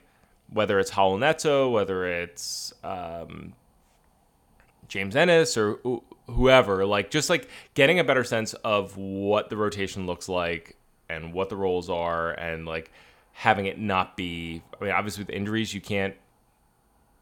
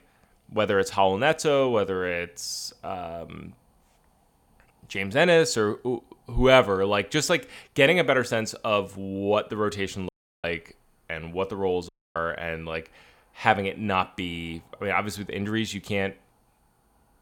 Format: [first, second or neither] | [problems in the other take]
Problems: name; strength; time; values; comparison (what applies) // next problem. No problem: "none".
first | audio cutting out; at 10 s and at 12 s